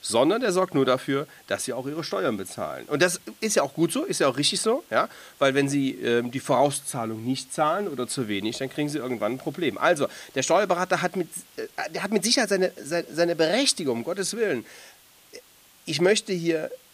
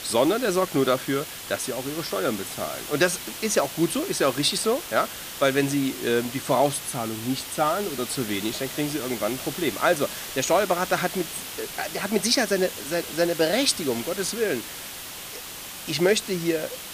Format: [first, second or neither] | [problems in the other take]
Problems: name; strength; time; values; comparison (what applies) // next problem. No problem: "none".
first | hiss; loud; throughout; 9 dB below the speech; faint in the first